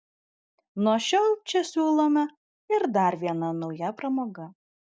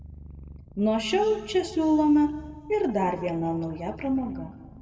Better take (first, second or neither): first